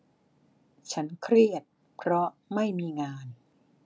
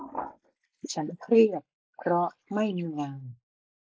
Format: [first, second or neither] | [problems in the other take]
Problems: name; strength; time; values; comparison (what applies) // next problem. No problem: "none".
first | noise reduction (neural mask model Resemble Enhance denoiser)